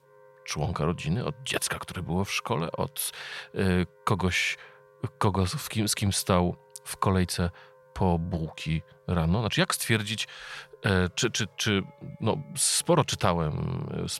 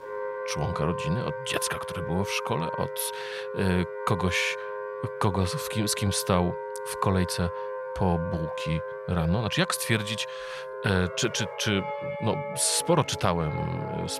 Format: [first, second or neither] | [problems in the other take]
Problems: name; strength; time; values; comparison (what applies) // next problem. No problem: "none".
first | background music; loud; throughout; 7 dB below the speech; faint in the first